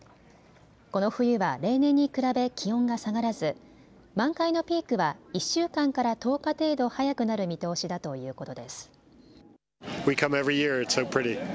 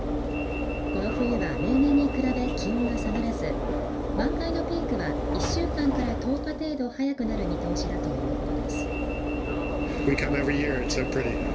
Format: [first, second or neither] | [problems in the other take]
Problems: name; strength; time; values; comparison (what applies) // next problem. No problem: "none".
first | background sound (Alarm / Engine / Train); 1 dB above the speech // room echo; dies away in 2.3 s